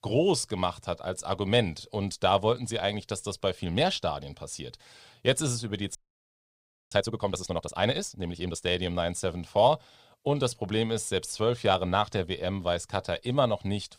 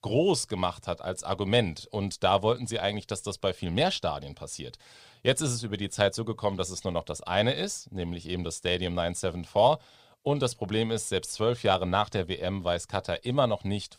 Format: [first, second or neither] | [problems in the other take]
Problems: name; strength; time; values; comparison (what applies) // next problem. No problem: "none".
second | audio freezing; at 6 s for 1 s